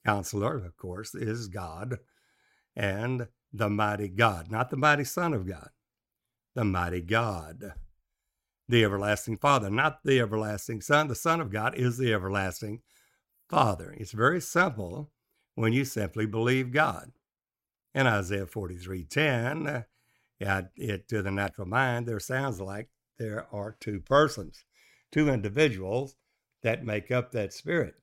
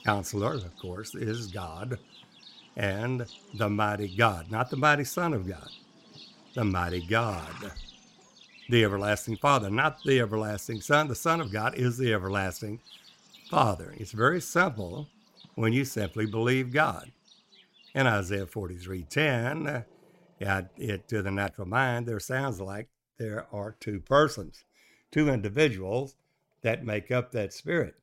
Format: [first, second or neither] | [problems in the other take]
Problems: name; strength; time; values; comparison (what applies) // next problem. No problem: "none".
first | animal sounds; faint; throughout; 20 dB below the speech